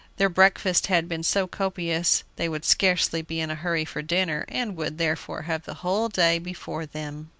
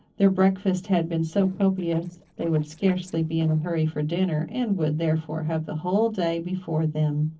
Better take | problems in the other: first | noise reduction (neural separator model SepFormer DNS4)

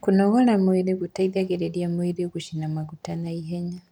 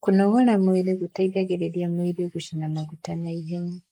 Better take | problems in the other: first | noise reduction (neural mask model Resemble Enhance denoiser)

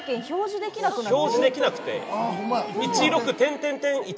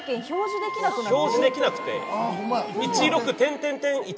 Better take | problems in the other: first | background sound (Wind instrument, woodwind instrument); 10 dB below the speech

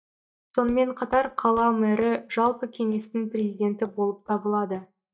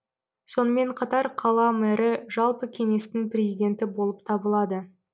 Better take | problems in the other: second | noise reduction (neural mask model DeepFilterNet 3)

